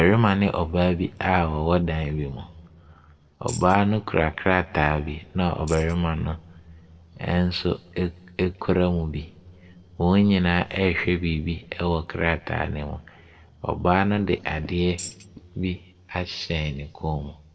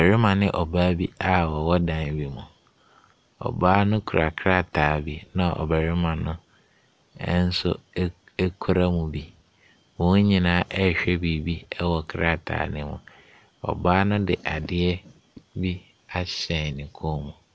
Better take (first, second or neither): second